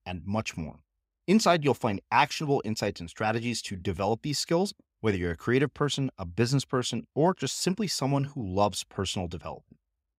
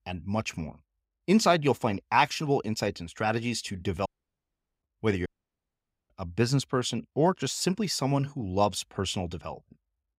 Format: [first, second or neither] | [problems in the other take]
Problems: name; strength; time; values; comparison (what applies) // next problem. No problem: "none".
first | audio cutting out; at 4 s for 1 s and at 5.5 s for 1 s